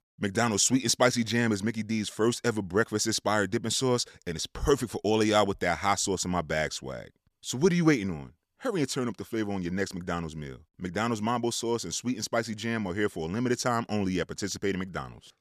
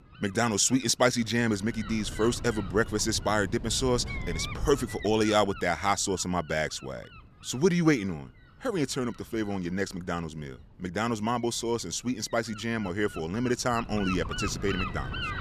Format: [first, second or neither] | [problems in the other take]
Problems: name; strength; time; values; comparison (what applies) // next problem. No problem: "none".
first | wind noise on the microphone; occasional gusts; 10 dB below the speech